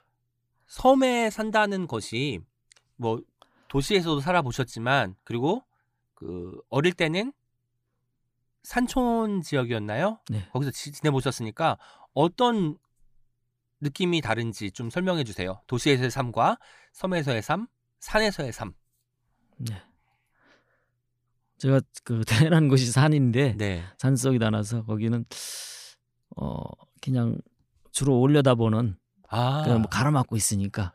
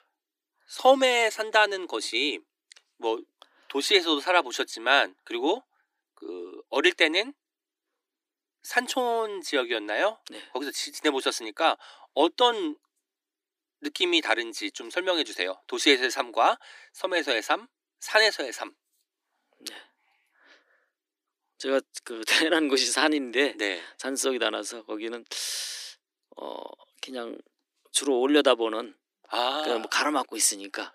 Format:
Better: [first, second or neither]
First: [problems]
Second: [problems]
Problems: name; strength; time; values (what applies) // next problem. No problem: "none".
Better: first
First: none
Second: thin; somewhat; fading below 300 Hz